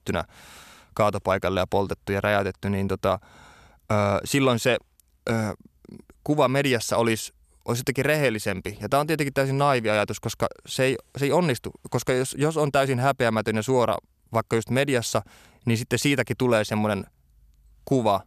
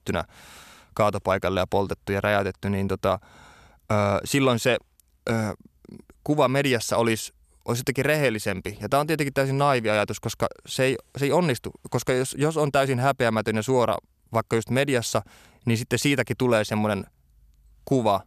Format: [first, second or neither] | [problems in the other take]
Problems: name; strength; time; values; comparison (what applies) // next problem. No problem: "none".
neither | none